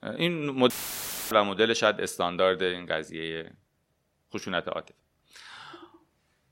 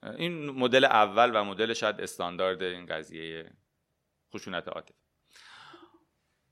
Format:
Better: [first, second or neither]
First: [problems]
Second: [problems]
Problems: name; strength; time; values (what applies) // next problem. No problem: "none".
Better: second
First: audio cutting out; filled with static; at 0.5 s for 0.5 s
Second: none